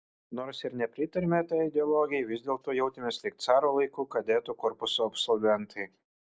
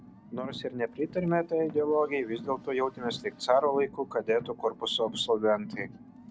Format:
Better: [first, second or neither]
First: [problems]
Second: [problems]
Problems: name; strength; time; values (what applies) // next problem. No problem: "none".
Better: first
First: none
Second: background sound (Car); 16 dB below the speech